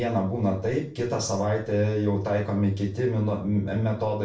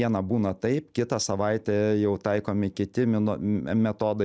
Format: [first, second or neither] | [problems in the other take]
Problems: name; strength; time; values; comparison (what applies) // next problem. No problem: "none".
second | room echo; dies away in 0.3 s